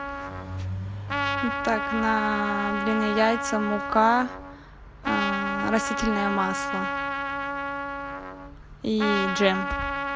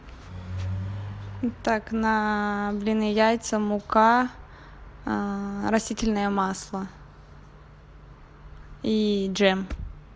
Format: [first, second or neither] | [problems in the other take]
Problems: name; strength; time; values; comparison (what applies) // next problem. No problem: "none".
second | background sound (Trumpet); 3 dB below the speech